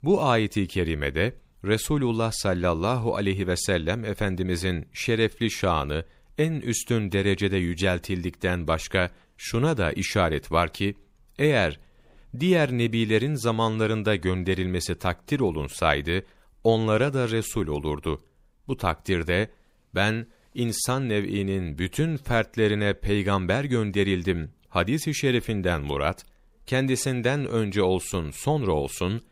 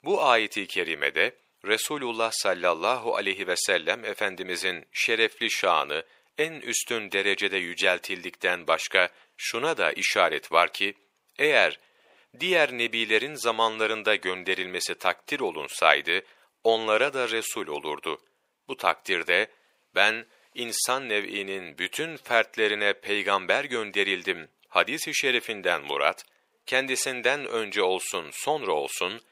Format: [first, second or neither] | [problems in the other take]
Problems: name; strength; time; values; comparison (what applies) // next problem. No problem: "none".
first | thin; very; fading below 600 Hz